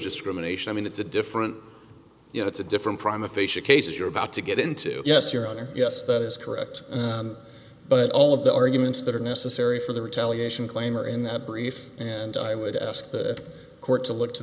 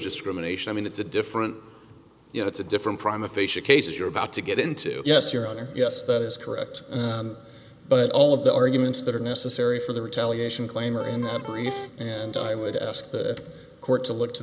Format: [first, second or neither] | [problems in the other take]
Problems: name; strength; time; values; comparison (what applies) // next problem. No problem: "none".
first | background sound (Electric guitar); 13 dB below the speech